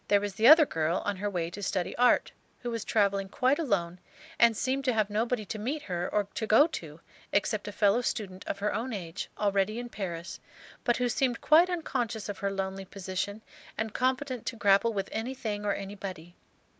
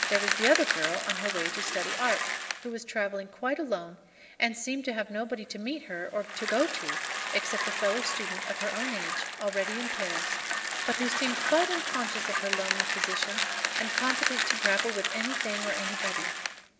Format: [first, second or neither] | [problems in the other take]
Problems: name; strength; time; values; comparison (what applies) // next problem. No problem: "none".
first | background sound (Bicycle); as loud as the speech // room echo; dies away in 2.1 s